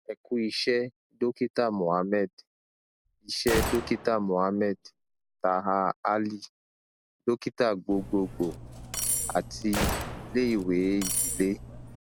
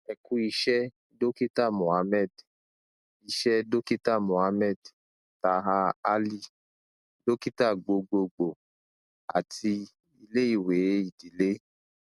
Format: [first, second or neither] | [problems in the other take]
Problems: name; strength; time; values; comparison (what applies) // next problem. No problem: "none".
second | background sound (Gunshot, gunfire + Cutlery, silverware); 5 dB below the speech